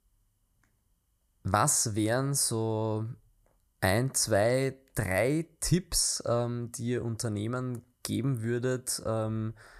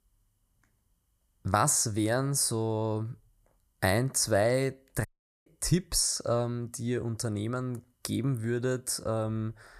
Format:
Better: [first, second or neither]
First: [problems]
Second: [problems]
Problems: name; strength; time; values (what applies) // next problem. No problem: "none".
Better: first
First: none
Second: audio cutting out; at 5 s